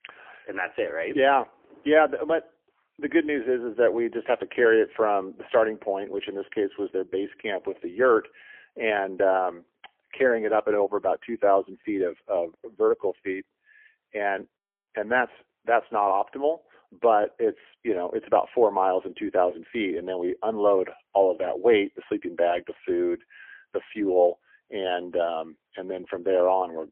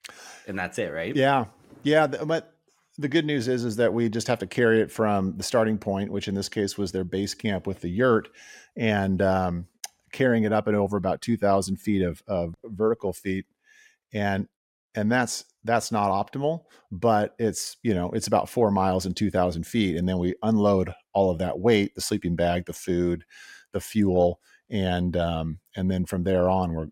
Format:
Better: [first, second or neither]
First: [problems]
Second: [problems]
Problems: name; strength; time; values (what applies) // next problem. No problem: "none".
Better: second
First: phone-call audio; poor line; nothing above 3.5 kHz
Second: none